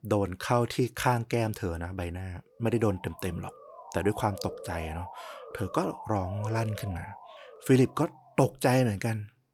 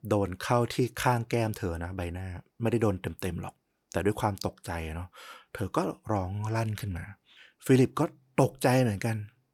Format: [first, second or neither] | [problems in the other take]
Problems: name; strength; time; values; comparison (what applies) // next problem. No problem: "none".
second | siren; faint; from 2.5 to 8.5 s; peak 10 dB below the speech